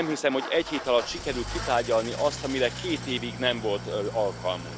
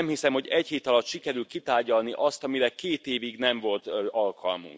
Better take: second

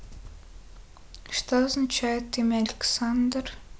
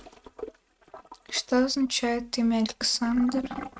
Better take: first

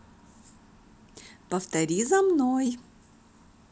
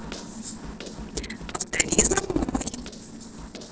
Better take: first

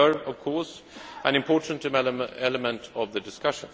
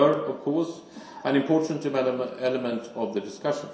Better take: first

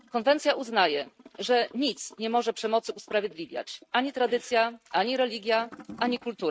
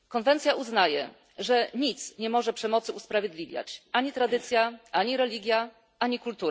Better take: second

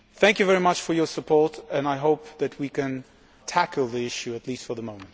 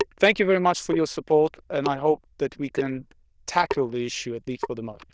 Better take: first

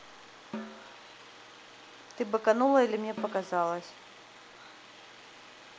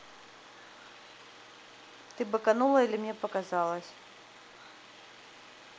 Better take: second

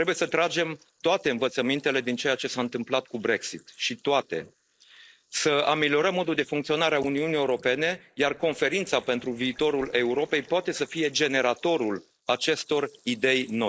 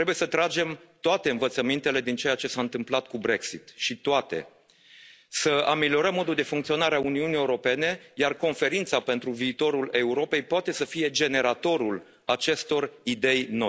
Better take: second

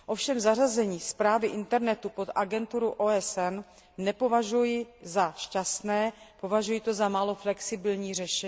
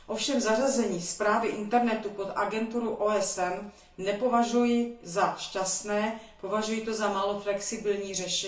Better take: first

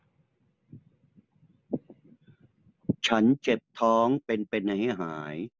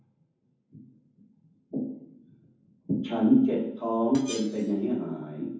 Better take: first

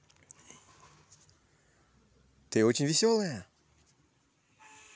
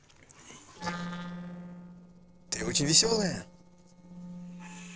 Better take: first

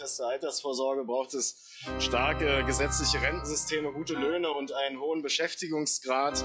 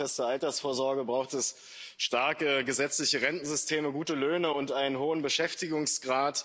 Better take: second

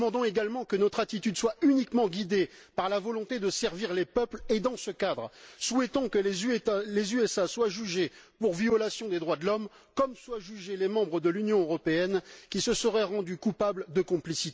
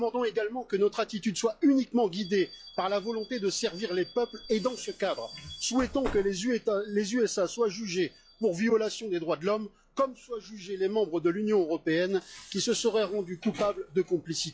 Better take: first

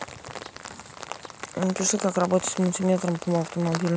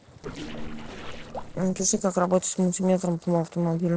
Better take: first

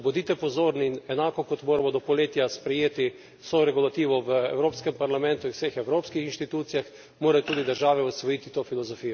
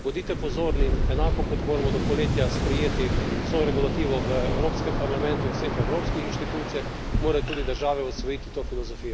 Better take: first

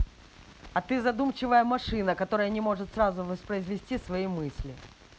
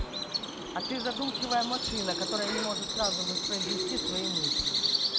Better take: first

